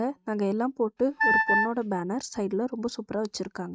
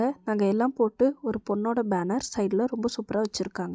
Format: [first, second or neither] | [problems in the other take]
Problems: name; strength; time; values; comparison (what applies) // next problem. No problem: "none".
second | noise reduction (neural mask model RNNoise)